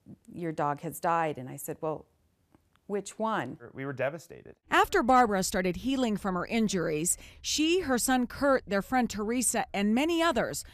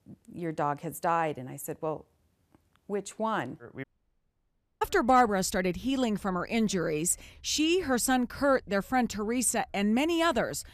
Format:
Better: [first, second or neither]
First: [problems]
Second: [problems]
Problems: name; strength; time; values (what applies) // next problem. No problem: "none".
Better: first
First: none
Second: audio cutting out; at 4 s for 1 s